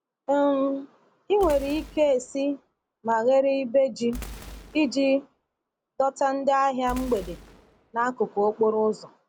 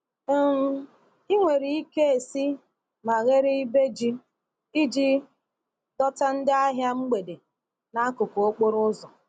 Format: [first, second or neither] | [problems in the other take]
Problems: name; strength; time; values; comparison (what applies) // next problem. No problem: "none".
second | background sound (Boom); 18 dB below the speech